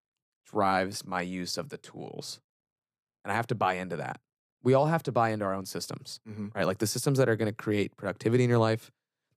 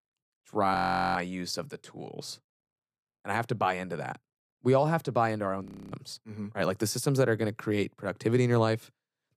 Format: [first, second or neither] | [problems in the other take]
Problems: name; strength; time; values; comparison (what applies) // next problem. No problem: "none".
first | audio freezing; at 1 s and at 5.5 s